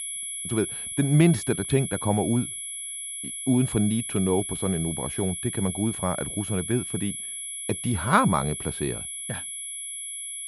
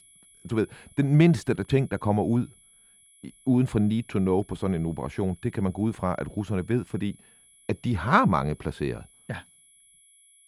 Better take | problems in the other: second | high-pitched whine; loud; throughout; 11 kHz, 6 dB below the speech; faint in the second

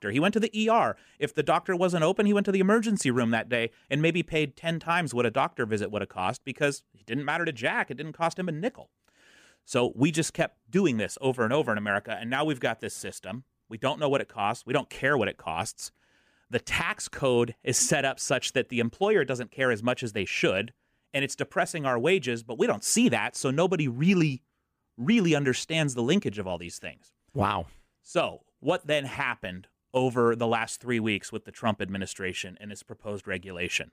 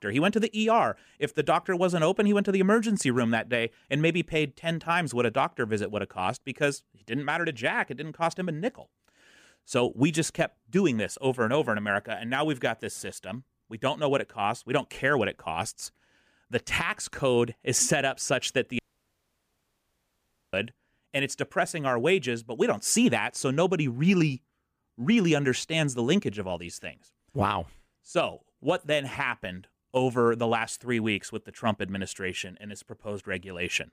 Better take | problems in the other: first | audio cutting out; at 19 s for 1.5 s

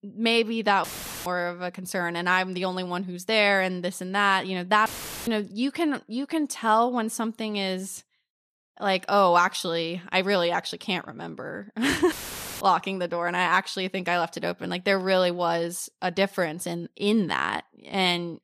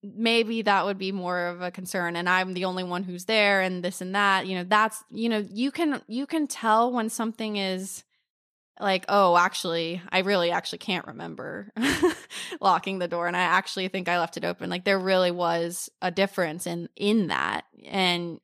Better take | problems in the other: second | audio cutting out; filled with static; at 1 s, at 5 s and at 12 s

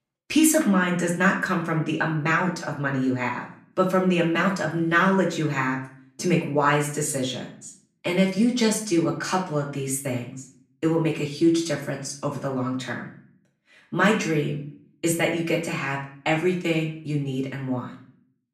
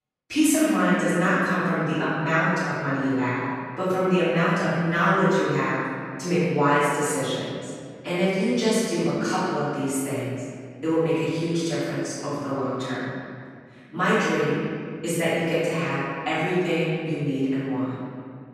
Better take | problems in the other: first | room echo; strong; dies away in 2.1 s; slight in the first // off-mic speech; far; far in the first

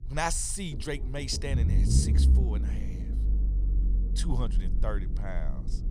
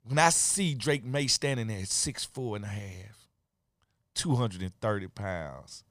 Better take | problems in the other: second | low rumble; loud; throughout; 9 dB below the speech

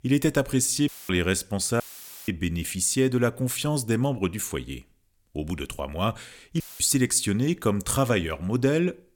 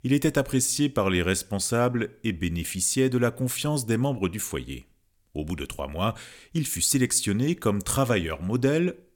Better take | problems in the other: second | audio cutting out; filled with static; at 1 s, at 2 s and at 6.5 s

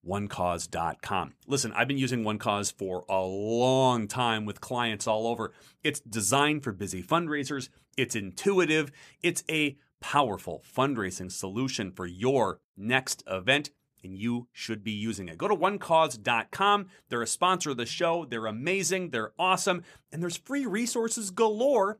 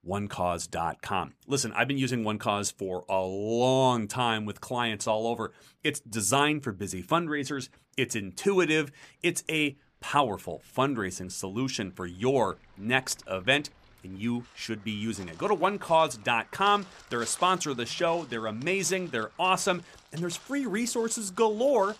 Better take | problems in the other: first | animal sounds; faint; throughout; 25 dB below the speech

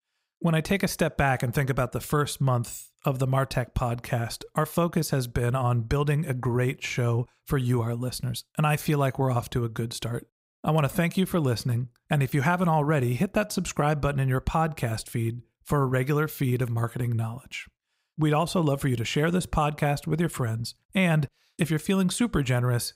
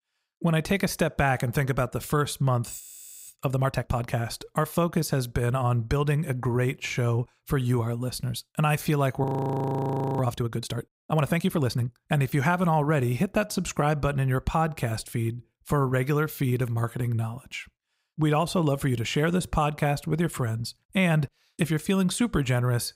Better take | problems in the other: first | audio freezing; at 3 s and at 9 s for 1 s

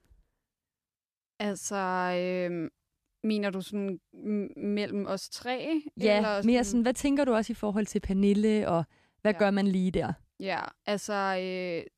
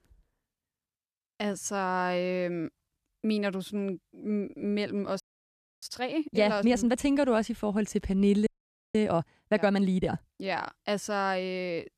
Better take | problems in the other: first | audio freezing; at 5 s for 0.5 s and at 8.5 s

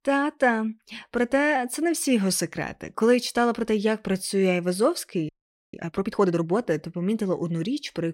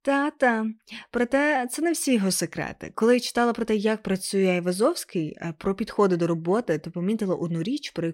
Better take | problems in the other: second | audio freezing; at 5.5 s

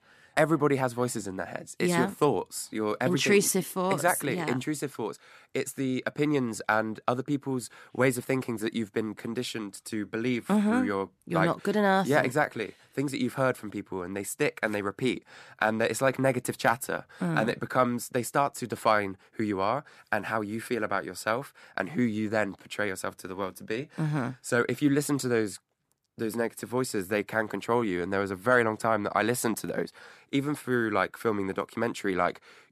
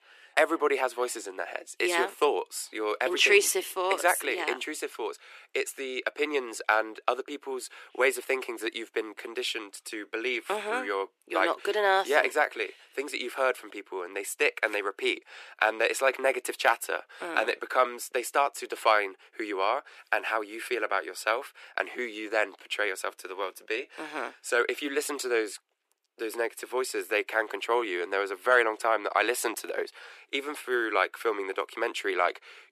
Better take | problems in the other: first | thin; very; fading below 350 Hz

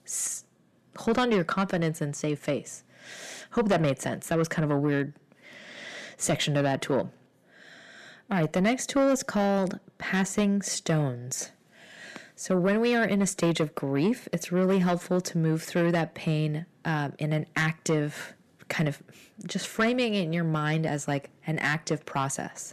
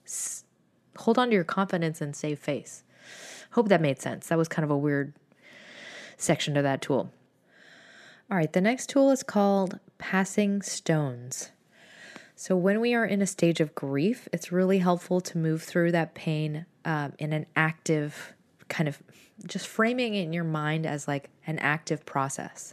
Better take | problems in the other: second | distortion; slight; 10 dB below the speech

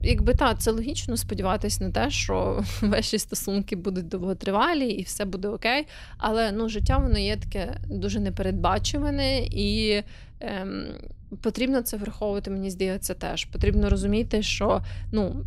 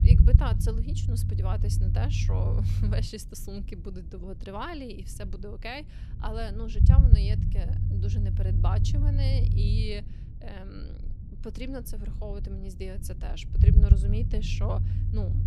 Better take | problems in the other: first | low rumble; loud; throughout; 1 dB below the speech; faint in the first

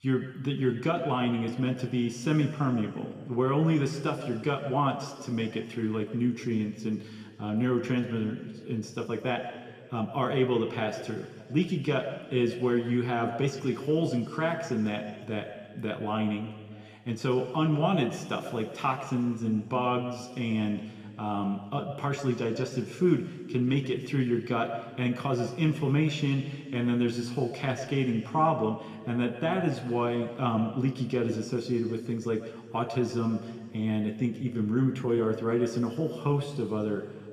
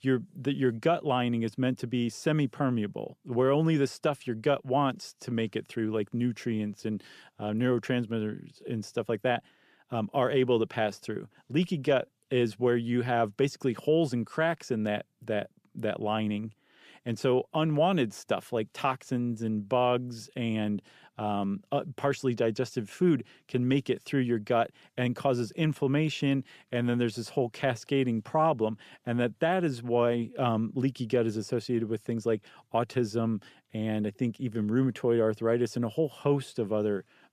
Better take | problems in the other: second | room echo; noticeable; dies away in 2 s

